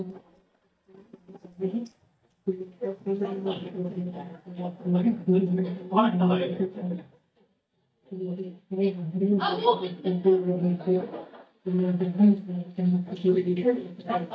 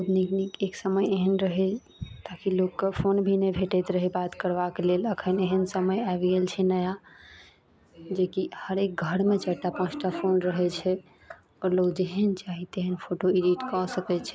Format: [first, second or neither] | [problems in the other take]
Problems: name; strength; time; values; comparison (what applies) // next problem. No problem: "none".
second | noise reduction (neural mask model DeepFilterNet 3)